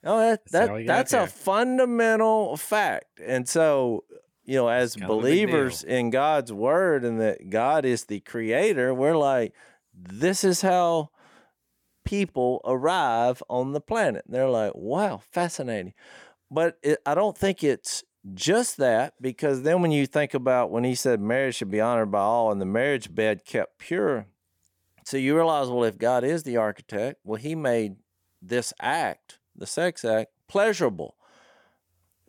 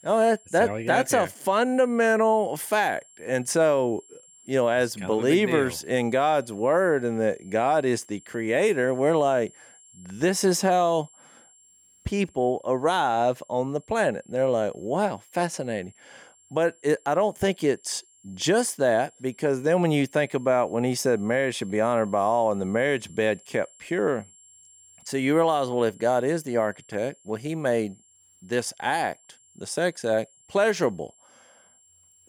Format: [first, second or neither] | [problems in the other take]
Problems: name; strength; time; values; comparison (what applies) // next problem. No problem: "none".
first | high-pitched whine; faint; throughout; 7.5 kHz, 30 dB below the speech